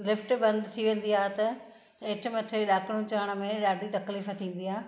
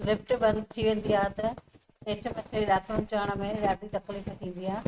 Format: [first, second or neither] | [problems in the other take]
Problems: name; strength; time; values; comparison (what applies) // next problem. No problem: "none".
first | noise reduction (neural mask model RNNoise)